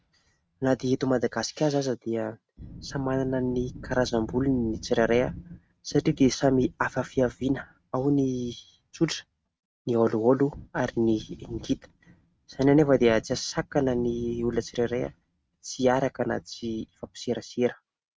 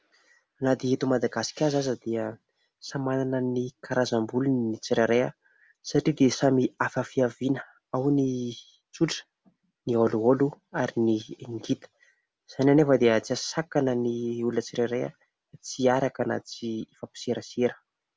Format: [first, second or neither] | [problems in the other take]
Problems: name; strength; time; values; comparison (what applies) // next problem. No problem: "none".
second | noise reduction (neural mask model RNNoise)